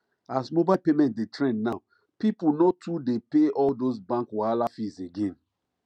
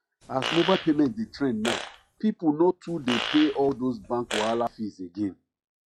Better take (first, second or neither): first